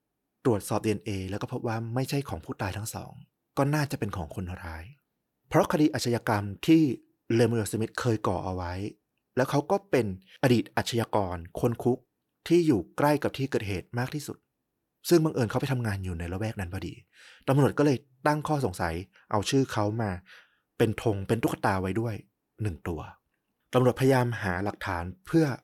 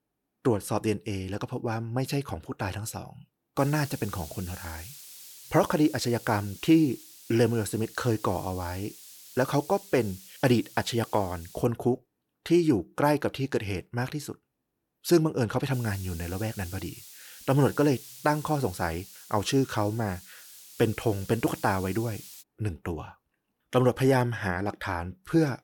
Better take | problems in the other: first | hiss; noticeable; from 3.5 to 12 s and from 16 to 22 s; 15 dB below the speech

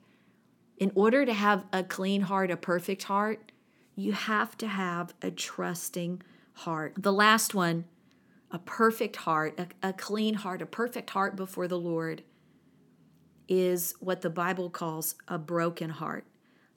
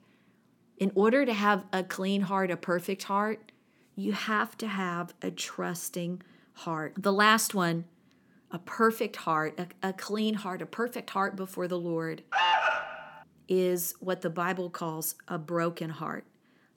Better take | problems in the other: first | alarm; loud; at 12 s; peak 6 dB above the speech

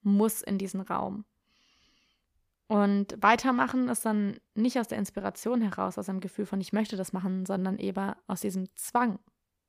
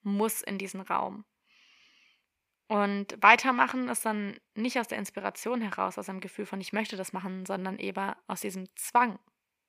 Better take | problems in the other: first | thin; somewhat; fading below 400 Hz

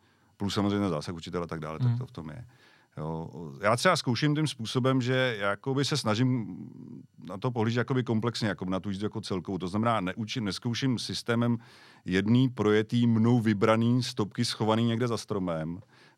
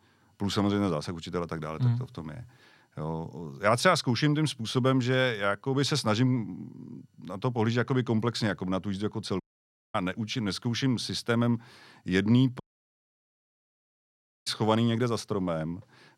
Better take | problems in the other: first | audio cutting out; at 9.5 s for 0.5 s and at 13 s for 2 s

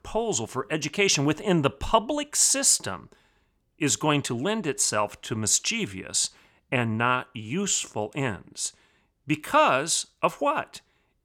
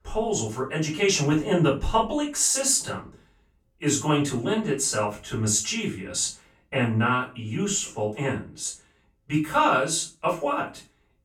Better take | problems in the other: first | off-mic speech; far // room echo; slight; dies away in 0.3 s

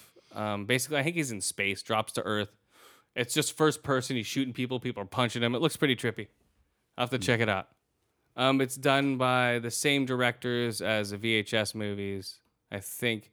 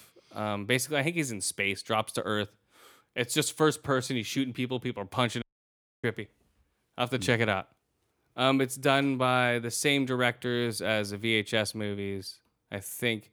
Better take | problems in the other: first | audio cutting out; at 5.5 s for 0.5 s

